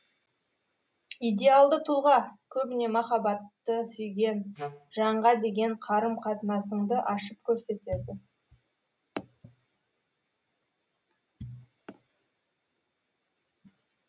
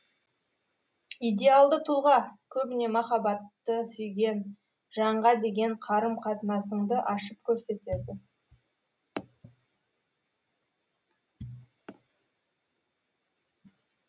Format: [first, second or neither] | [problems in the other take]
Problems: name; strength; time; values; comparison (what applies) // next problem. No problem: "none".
second | background sound (Wind instrument, woodwind instrument); 11 dB below the speech